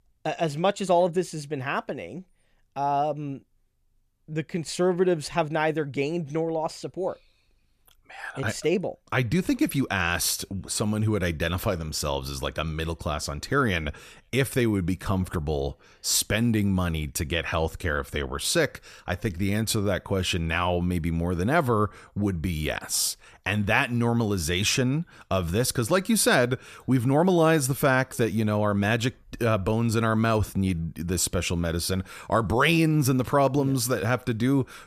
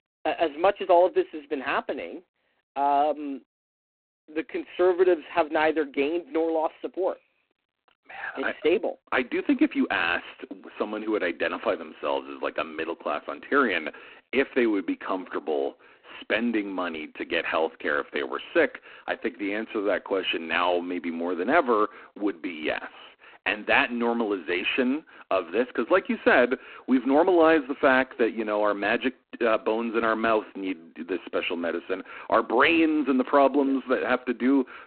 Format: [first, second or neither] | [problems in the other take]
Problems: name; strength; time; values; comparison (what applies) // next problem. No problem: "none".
first | phone-call audio; poor line; nothing above 4 kHz